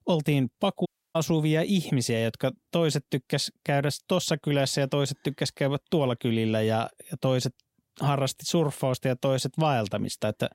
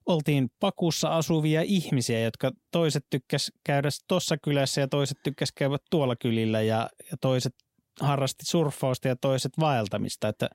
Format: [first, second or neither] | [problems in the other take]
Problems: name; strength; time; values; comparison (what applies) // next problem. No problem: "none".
second | audio cutting out; at 1 s